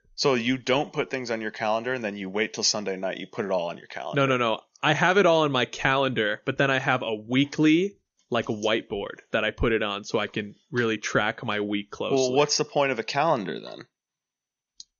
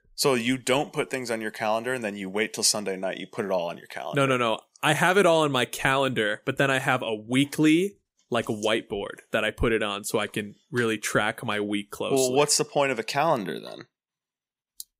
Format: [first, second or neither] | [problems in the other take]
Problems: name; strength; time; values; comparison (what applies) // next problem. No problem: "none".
second | garbled, watery; slightly; nothing above 6.5 kHz